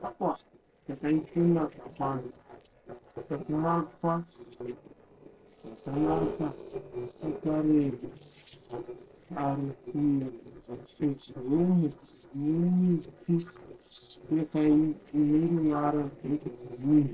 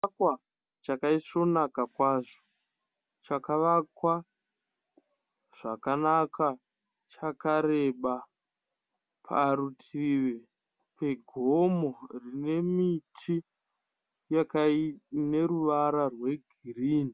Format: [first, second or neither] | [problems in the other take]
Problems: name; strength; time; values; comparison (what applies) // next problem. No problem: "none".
second | noise reduction (neural separator model SepFormer DNS4)